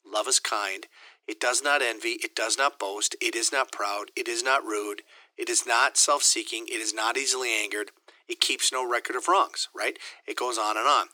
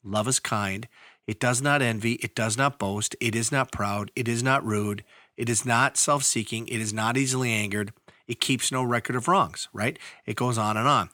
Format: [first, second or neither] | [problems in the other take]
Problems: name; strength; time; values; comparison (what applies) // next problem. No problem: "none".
second | thin; very; fading below 300 Hz